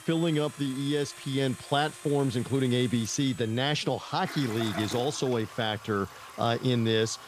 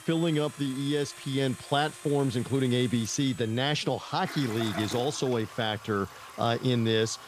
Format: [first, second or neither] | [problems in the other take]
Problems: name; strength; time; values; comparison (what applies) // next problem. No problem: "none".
neither | household noises; noticeable; throughout; 15 dB below the speech; the same in both